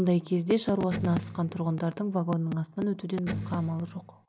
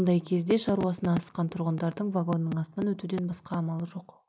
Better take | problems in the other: second | background sound (Electric guitar); 9 dB below the speech

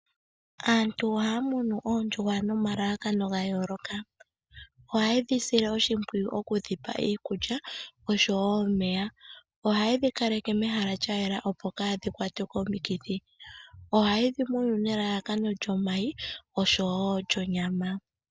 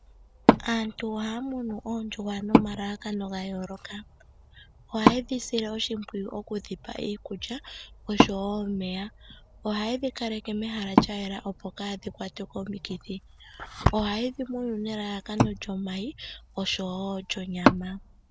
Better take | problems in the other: first | background sound (Wood); 2 dB above the speech

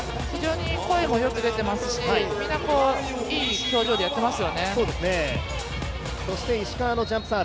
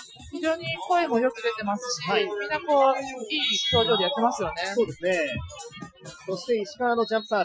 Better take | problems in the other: first | noise reduction (classical method Wiener filter)

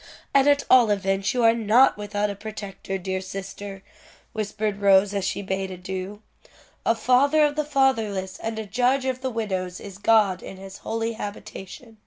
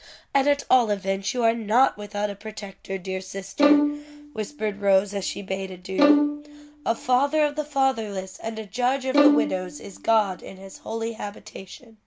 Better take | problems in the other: first | background sound (Bowed string instrument); as loud as the speech

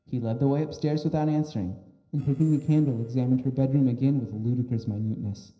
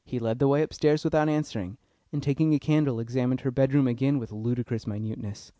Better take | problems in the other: second | noise reduction (neural separator model SepFormer DNS4)

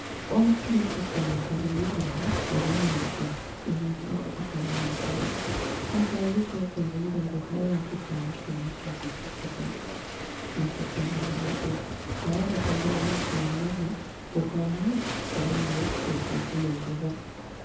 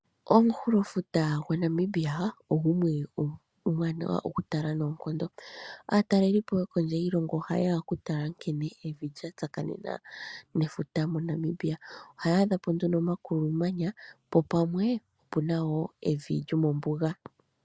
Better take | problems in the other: second | background sound (Waves, surf); 3 dB below the speech // room echo; dies away in 0.6 s

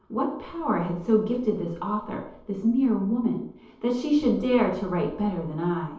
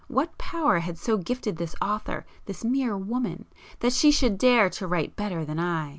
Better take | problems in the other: second | room echo; dies away in 2.2 s

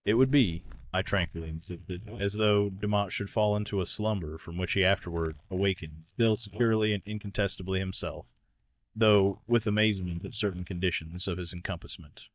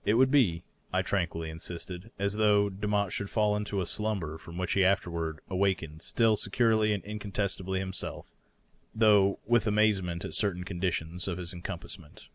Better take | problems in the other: second | noise reduction (neural mask model DeepFilterNet 3)

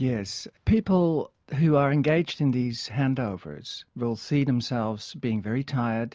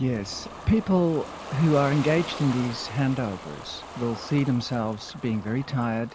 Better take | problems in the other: first | background sound (Ocean); 14 dB below the speech

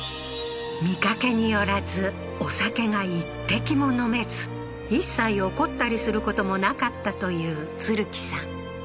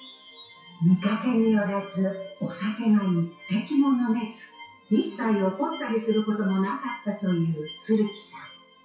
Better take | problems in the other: first | noise reduction (classical method WPE with log-MMSE)

